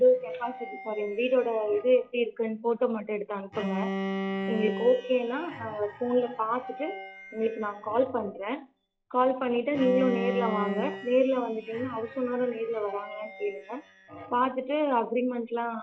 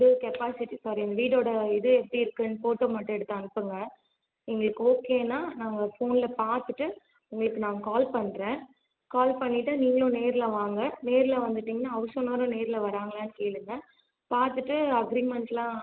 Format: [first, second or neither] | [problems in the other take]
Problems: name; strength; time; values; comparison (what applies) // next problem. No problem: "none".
second | noise reduction (classical method log-MMSE)